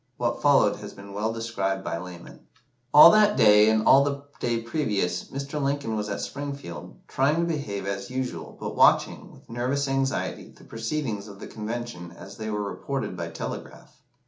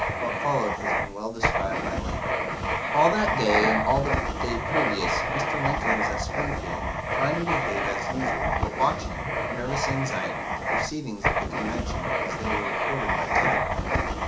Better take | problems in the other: first | background sound (Writing); 4 dB above the speech

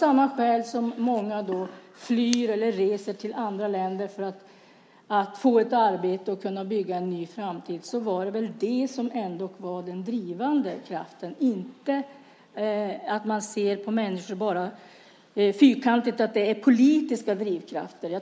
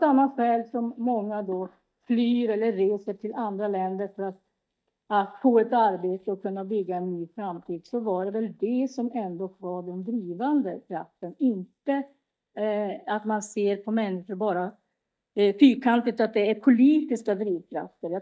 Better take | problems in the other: first | noise reduction (neural mask model DeepFilterNet 3)

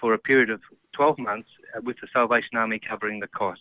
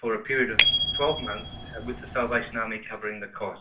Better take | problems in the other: first | background sound (Bicycle bell); 2 dB above the speech // room echo; dies away in 0.3 s

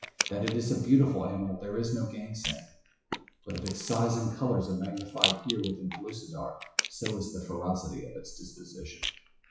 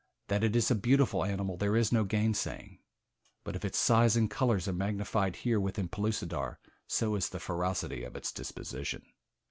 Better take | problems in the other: second | noise reduction (classical method WPE with log-MMSE)

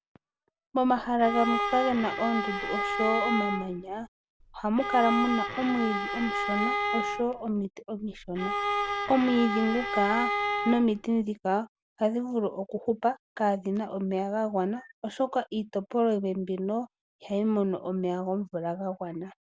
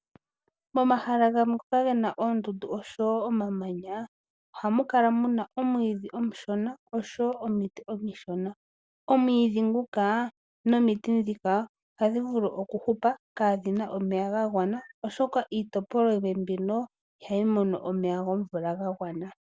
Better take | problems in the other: second | background sound (Bowed string instrument); 2 dB below the speech

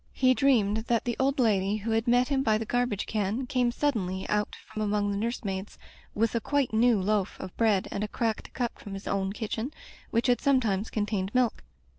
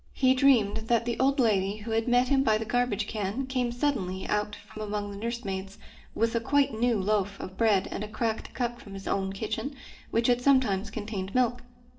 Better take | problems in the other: first | room echo; dies away in 0.5 s

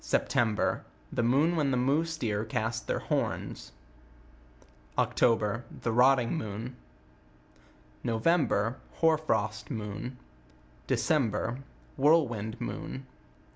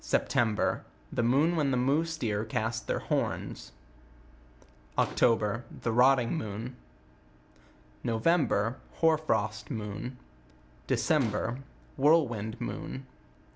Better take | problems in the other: first | background sound (Gunshot, gunfire); 18 dB below the speech

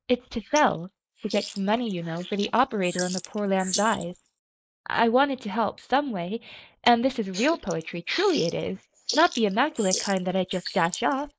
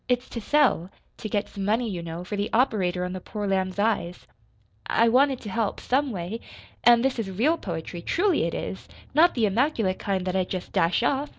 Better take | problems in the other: second | noise reduction (neural mask model Resemble Enhance denoiser)

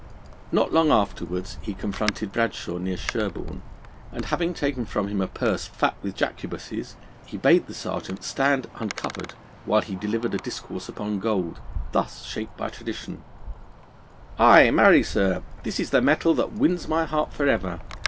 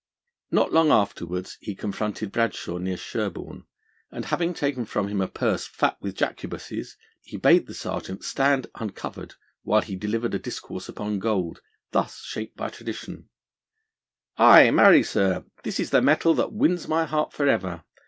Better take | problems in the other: second | background sound (Wind); 13 dB below the speech

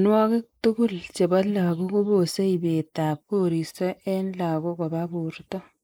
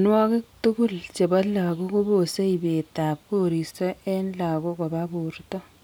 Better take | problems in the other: second | noise reduction (neural mask model Resemble Enhance denoiser)

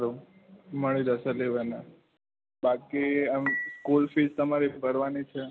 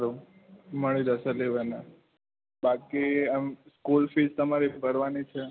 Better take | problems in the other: second | background sound (Dishes, pots, and pans / Chink, clink); 7 dB below the speech

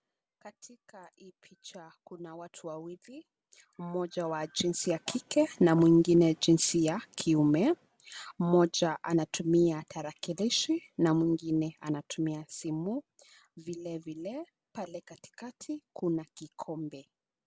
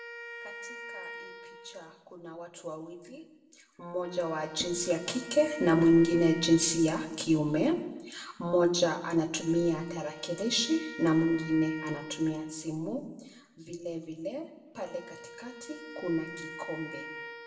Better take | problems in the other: first | background sound (Wind instrument, woodwind instrument); 16 dB below the speech // room echo; dies away in 0.8 s

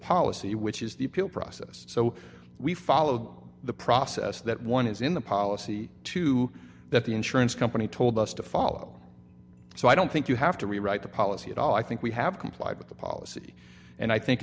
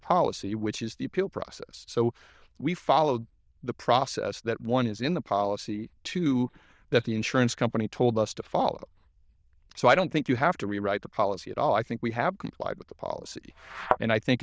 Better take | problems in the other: first | noise reduction (neural diffusion model UNIVERSE++)

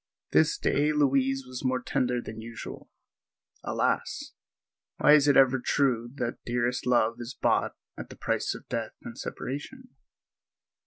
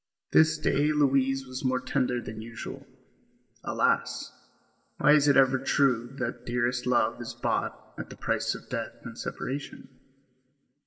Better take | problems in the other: first | room echo; dies away in 1.3 s

